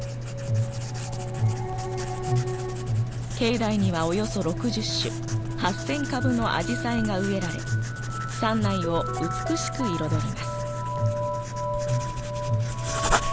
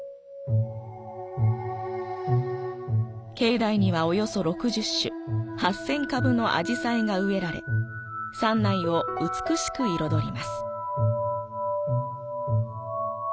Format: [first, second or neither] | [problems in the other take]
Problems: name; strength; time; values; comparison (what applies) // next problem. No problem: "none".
second | background sound (Writing); 4 dB below the speech